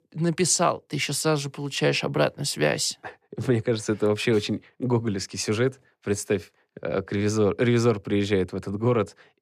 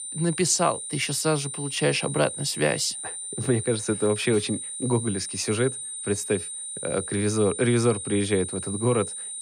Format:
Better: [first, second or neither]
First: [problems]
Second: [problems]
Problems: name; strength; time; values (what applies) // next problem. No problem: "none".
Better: first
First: none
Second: high-pitched whine; loud; throughout; 9 kHz, 6 dB below the speech